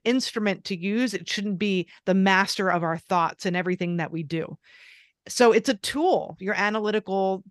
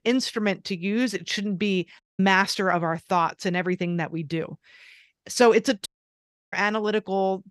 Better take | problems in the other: first | audio cutting out; at 2 s and at 6 s for 0.5 s

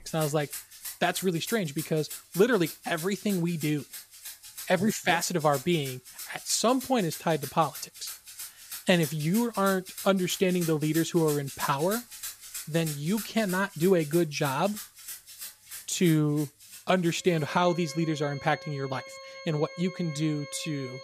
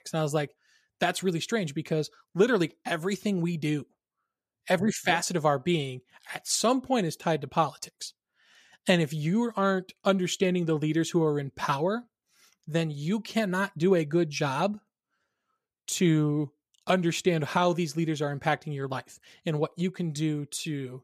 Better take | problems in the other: second | background music; noticeable; throughout; 10 dB below the speech

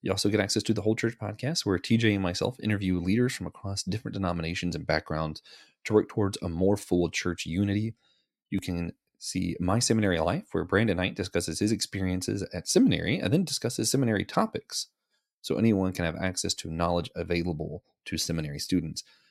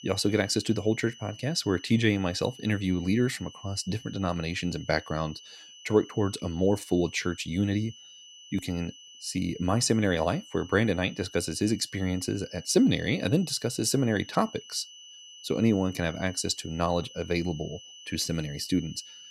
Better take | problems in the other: first | high-pitched whine; noticeable; throughout; 3 kHz, 20 dB below the speech

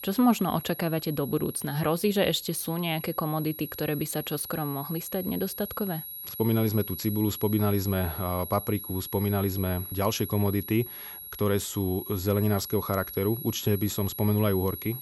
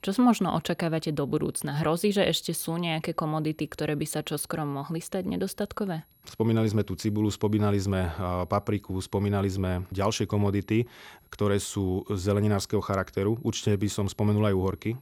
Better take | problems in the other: second | high-pitched whine; loud; throughout; 11.5 kHz, 9 dB below the speech; faint in the second

